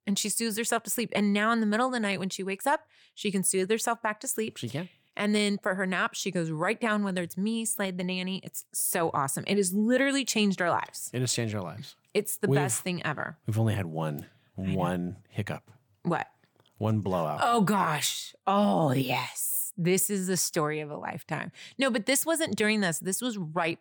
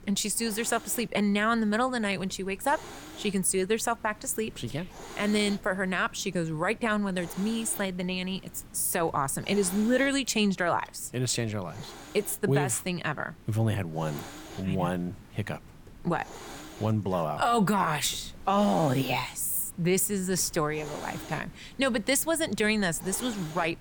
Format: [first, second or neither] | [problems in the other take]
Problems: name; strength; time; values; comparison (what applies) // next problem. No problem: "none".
first | hiss; noticeable; throughout; 20 dB below the speech